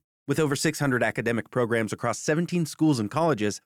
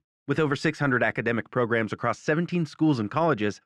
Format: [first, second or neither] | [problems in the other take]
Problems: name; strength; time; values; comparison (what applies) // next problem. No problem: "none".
first | muffled; slightly; fading above 3 kHz